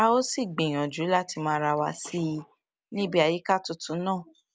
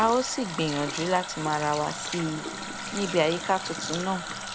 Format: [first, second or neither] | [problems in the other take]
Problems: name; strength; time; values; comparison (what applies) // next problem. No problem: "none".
first | background sound (Water tap, faucet); 7 dB below the speech